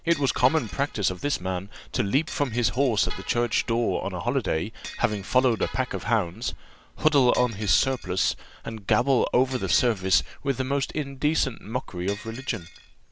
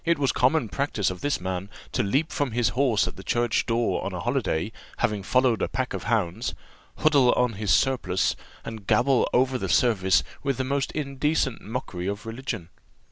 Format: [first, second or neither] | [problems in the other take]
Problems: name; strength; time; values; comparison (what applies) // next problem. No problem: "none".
second | background sound (Shatter + Vehicle horn, car horn, honking); 19 dB below the speech